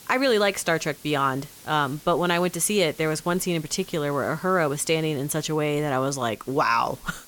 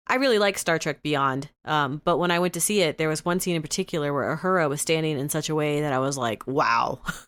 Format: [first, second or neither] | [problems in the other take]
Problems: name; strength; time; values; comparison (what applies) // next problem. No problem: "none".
second | hiss; faint; throughout; 20 dB below the speech